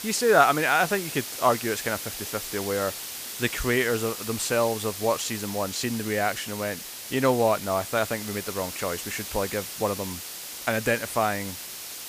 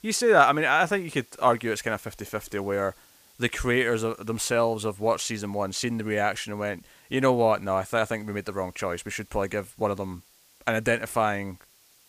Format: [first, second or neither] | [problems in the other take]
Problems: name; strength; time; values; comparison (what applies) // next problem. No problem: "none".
second | hiss; loud; throughout; 8 dB below the speech; faint in the second